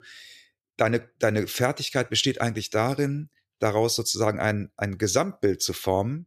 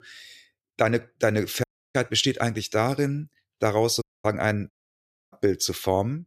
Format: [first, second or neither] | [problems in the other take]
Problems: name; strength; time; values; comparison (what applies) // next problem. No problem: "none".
first | audio cutting out; at 1.5 s, at 4 s and at 4.5 s for 0.5 s